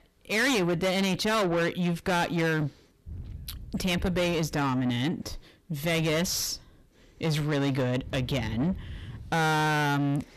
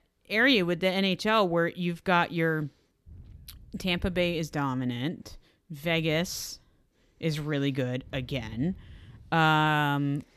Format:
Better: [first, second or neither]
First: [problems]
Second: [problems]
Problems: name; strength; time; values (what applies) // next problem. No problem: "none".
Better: second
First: distortion; heavy; 5 dB below the speech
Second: none